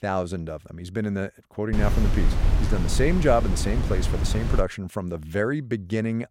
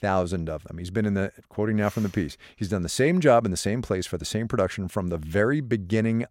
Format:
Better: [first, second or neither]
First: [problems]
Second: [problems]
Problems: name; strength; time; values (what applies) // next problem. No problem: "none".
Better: second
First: wind noise on the microphone; heavy; from 1.5 to 4.5 s; 7 dB below the speech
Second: none